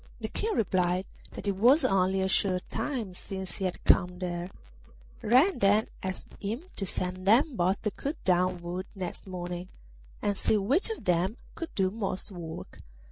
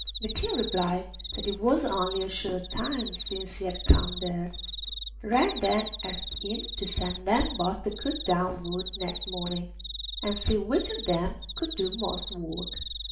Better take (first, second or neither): first